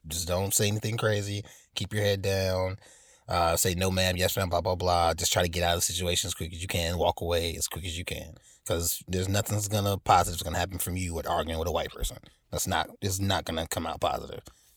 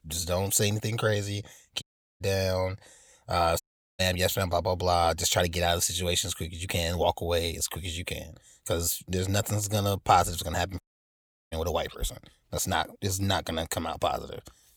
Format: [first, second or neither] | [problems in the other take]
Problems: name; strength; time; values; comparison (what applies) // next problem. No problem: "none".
first | audio cutting out; at 2 s, at 3.5 s and at 11 s for 0.5 s